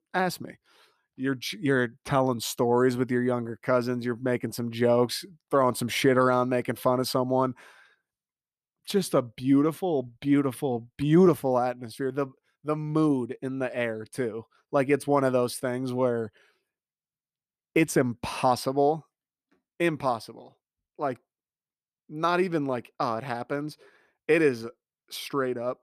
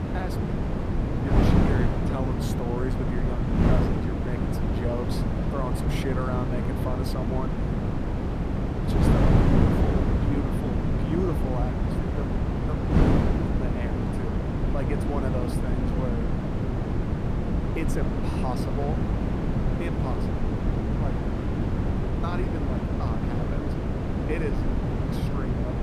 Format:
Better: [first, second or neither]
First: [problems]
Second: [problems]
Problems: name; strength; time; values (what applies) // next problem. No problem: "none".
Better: first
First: none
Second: wind noise on the microphone; heavy; 4 dB above the speech